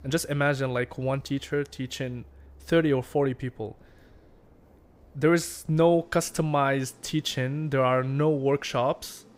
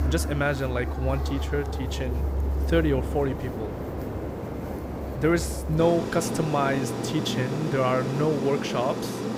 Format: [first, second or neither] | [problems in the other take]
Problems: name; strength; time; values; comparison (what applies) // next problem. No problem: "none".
first | train or aircraft noise; loud; throughout; 3 dB below the speech; faint in the first